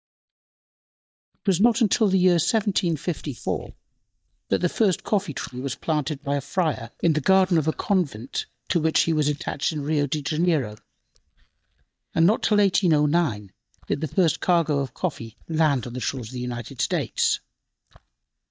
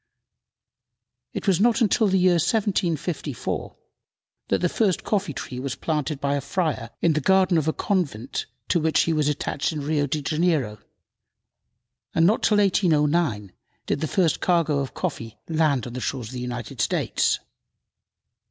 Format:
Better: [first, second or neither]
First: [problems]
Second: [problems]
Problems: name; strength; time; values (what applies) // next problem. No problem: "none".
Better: second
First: noise reduction (neural mask model DeepFilterNet 3)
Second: none